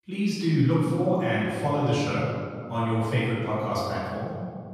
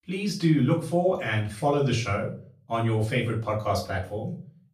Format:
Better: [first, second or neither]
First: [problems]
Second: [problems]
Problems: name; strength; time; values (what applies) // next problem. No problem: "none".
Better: second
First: room echo; strong; dies away in 2 s // off-mic speech; far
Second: room echo; slight; dies away in 0.3 s // off-mic speech; far